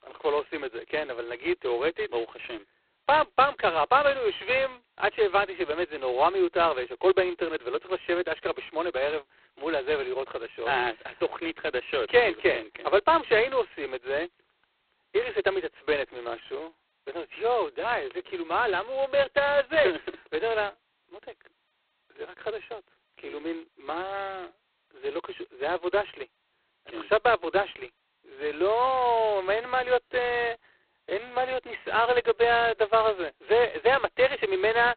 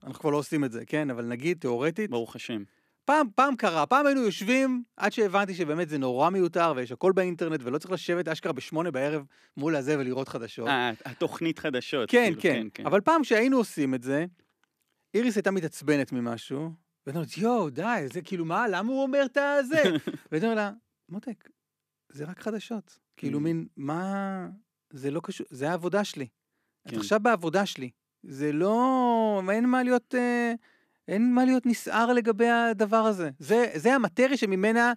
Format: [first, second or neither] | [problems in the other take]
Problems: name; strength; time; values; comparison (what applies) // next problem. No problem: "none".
second | phone-call audio; poor line; nothing above 4 kHz